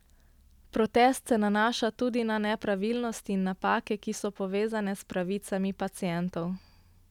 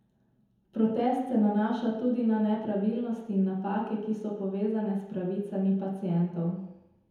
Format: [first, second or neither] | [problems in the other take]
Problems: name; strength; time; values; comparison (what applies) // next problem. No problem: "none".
first | room echo; dies away in 1 s